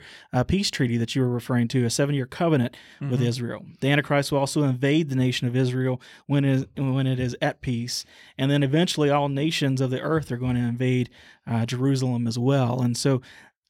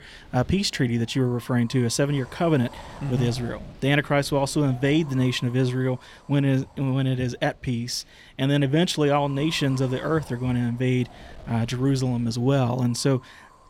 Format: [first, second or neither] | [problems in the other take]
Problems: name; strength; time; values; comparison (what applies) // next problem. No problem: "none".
first | wind noise on the microphone; occasional gusts; 20 dB below the speech